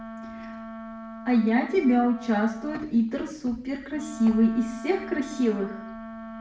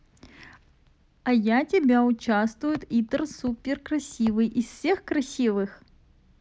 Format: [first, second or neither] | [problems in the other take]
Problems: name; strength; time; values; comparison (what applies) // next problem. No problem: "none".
second | background sound (Wind instrument, woodwind instrument); 13 dB below the speech // room echo; dies away in 0.5 s